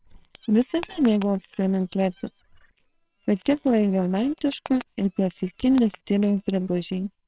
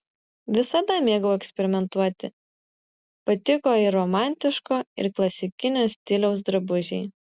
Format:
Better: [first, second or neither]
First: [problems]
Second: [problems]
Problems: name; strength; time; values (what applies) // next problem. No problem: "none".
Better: second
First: noise reduction (neural separator model SepFormer WHAMR!)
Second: none